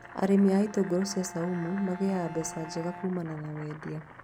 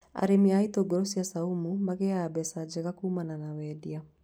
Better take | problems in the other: second | background sound (Boiling + Bowed string instrument); 14 dB below the speech

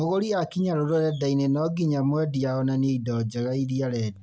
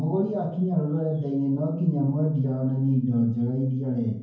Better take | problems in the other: first | room echo; dies away in 0.9 s

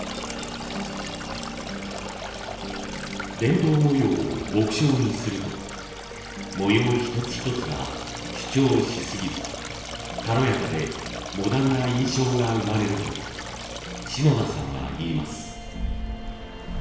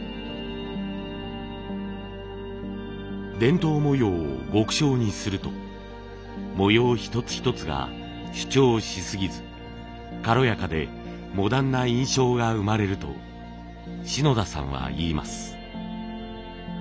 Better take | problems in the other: second | background sound (Stream); 10 dB below the speech // room echo; dies away in 1 s

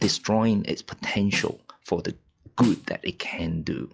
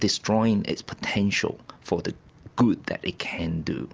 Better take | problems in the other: second | noise reduction (classical method log-MMSE)

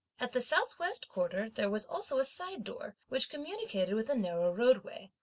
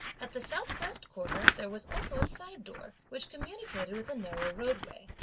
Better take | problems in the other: first | background sound (Scissors); 3 dB above the speech

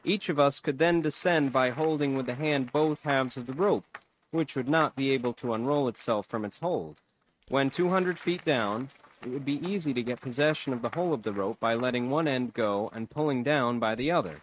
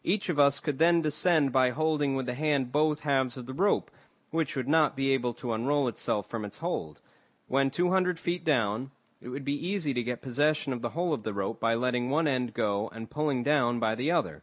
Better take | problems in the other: second | noise reduction (neural mask model RNNoise)

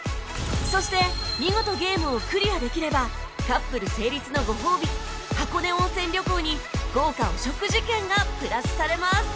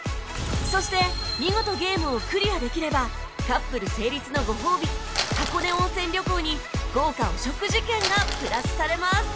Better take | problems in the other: first | background sound (Crumpling, crinkling); 8 dB below the speech

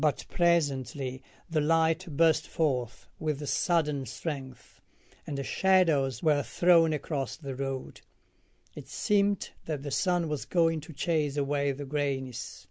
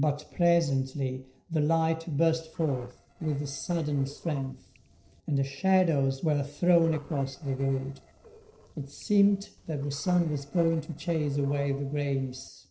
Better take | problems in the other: first | noise reduction (neural separator model SepFormer DNS4)

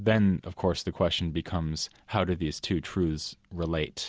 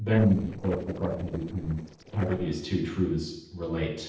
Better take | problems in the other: first | noise reduction (neural separator model SepFormer DNS4)

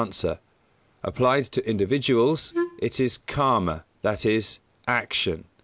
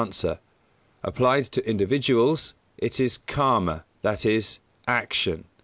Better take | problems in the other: second | background sound (Wind instrument, woodwind instrument); 4 dB below the speech

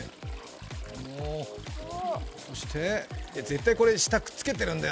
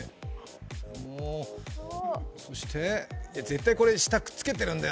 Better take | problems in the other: second | background sound (Trickle, dribble / Toilet flush); 20 dB below the speech

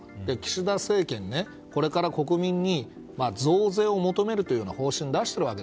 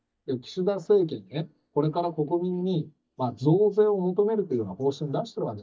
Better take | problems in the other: first | noise reduction (neural mask model DeepFilterNet 3)

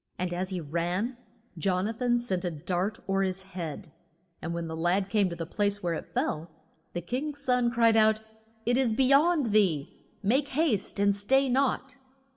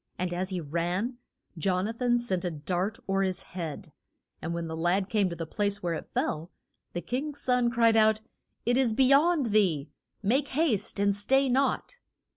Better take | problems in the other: second | room echo; dies away in 1.1 s

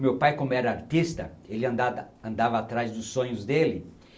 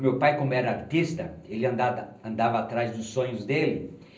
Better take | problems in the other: first | room echo; dies away in 0.5 s

